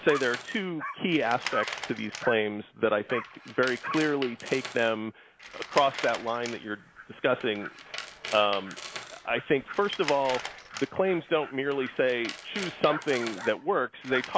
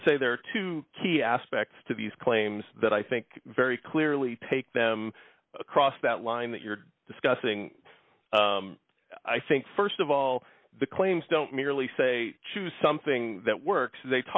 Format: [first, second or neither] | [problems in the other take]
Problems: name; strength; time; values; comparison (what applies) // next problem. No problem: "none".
second | background sound (Dog + Tools); 10 dB below the speech